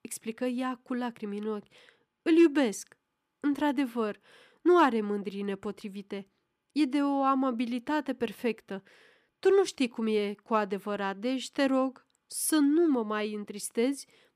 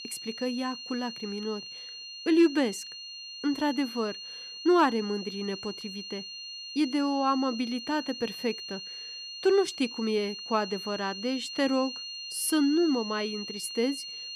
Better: first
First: none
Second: high-pitched whine; loud; throughout; 4.5 kHz, 9 dB below the speech

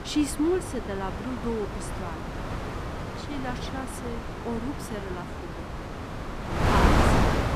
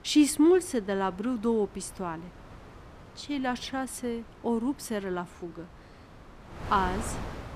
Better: second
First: wind noise on the microphone; heavy; 2 dB above the speech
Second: wind noise on the microphone; occasional gusts; 15 dB below the speech

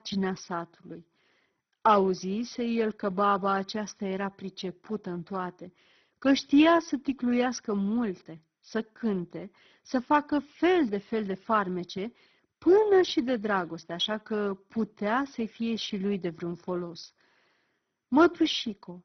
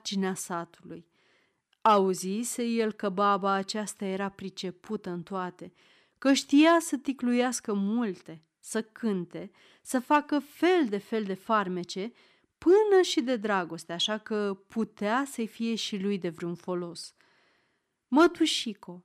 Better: second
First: garbled, watery; badly; nothing above 6 kHz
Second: none

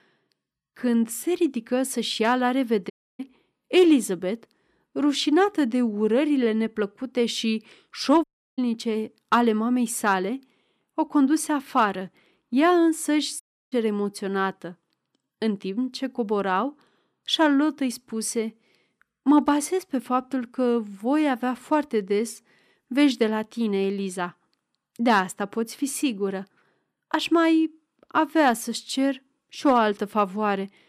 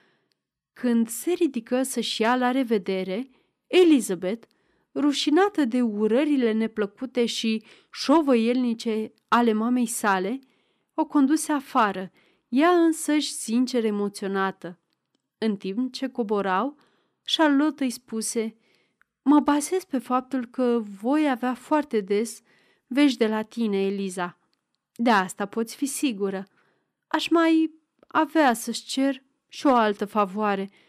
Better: second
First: audio cutting out; at 3 s, at 8 s and at 13 s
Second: none

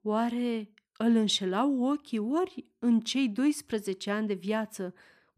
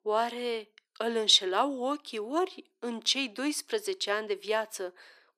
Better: first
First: none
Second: thin; somewhat; fading below 400 Hz

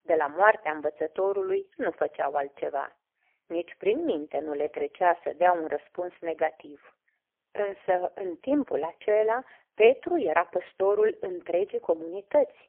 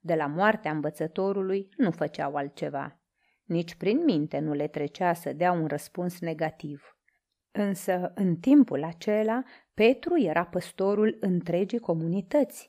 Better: second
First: phone-call audio; poor line; nothing above 3 kHz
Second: none

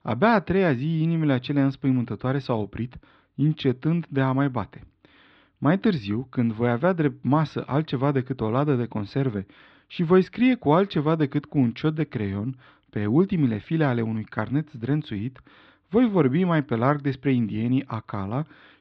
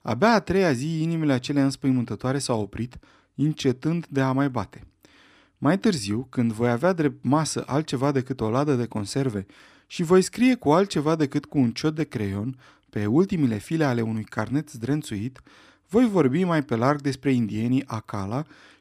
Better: second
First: muffled; slightly; fading above 4 kHz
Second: none

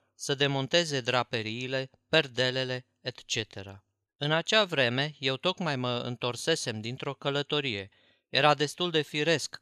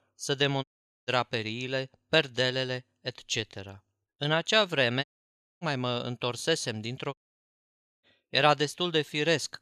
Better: first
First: none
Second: audio cutting out; at 0.5 s, at 5 s for 0.5 s and at 7 s for 1 s

